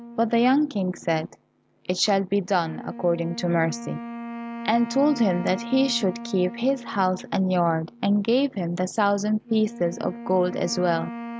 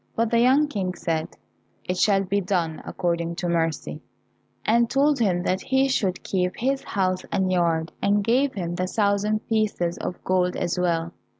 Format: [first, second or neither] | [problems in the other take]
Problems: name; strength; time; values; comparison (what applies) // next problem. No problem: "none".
second | background sound (Wind instrument, woodwind instrument); 13 dB below the speech